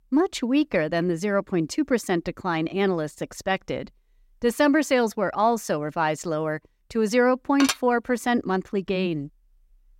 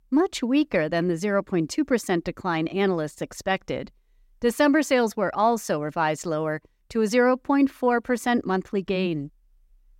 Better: second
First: clattering dishes; noticeable; at 7.5 s; peak 3 dB below the speech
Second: none

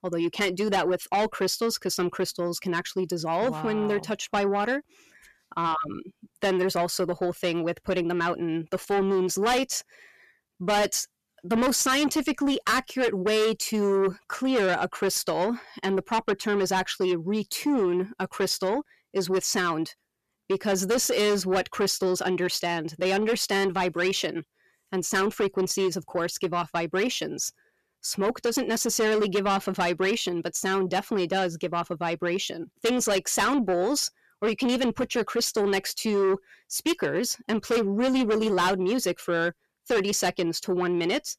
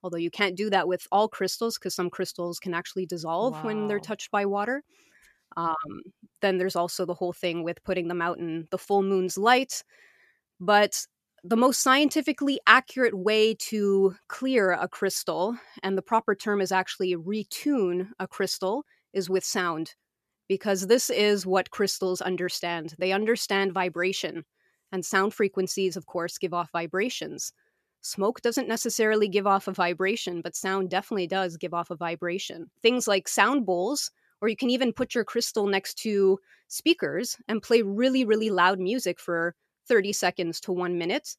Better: second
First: distortion; heavy; 7 dB below the speech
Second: none

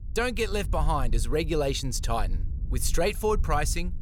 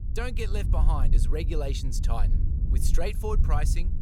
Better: first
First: low rumble; faint; throughout; 25 dB below the speech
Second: low rumble; loud; throughout; 10 dB below the speech

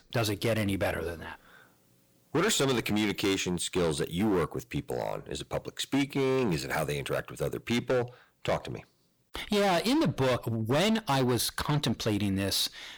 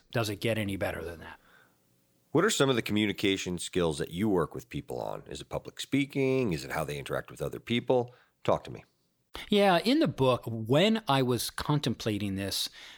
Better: second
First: distortion; heavy; 13% of the sound clipped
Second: none

